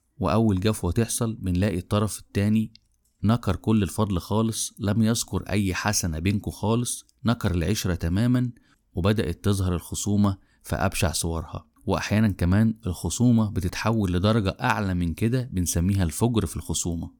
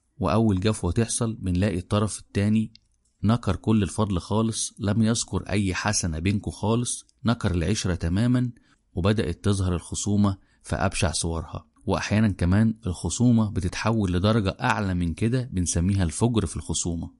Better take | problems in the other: first | garbled, watery; slightly; nothing above 10.5 kHz

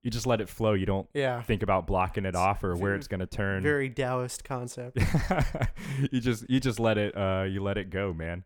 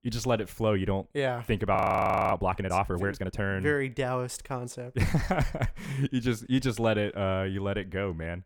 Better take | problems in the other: first | audio freezing; at 2 s for 0.5 s

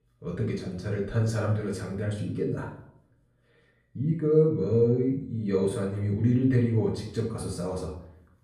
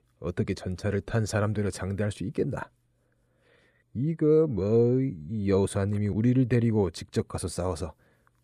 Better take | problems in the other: second | off-mic speech; far // room echo; noticeable; dies away in 0.5 s

